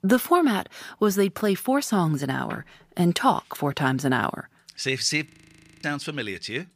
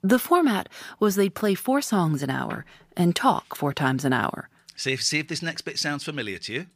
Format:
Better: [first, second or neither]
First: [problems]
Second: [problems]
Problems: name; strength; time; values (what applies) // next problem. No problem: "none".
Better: second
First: audio freezing; at 5.5 s for 0.5 s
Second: none